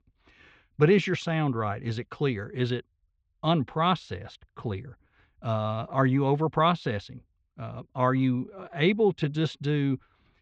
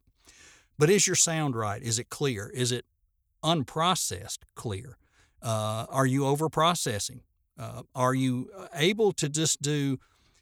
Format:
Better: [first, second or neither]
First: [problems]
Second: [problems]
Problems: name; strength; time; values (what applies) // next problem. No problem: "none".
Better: second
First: muffled; very; fading above 3 kHz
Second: none